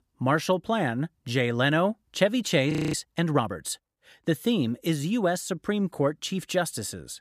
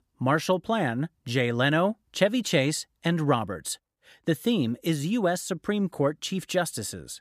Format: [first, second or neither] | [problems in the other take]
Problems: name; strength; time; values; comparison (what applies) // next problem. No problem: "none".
second | audio freezing; at 2.5 s